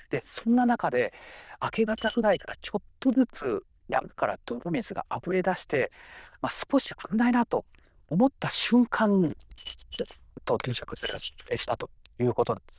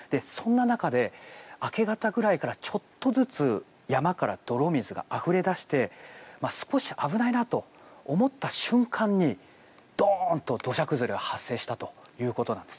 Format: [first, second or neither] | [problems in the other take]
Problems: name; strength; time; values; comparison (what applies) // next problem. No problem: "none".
second | noise reduction (neural diffusion model UNIVERSE++)